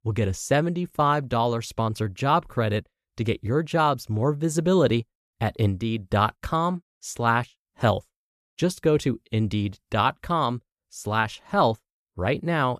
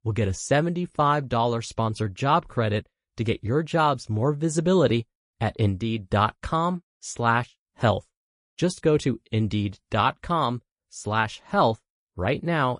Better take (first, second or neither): first